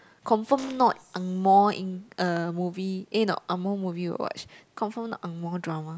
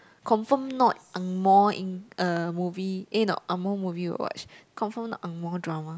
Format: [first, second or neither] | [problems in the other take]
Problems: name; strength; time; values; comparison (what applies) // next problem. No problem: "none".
second | background sound (Fart); 18 dB below the speech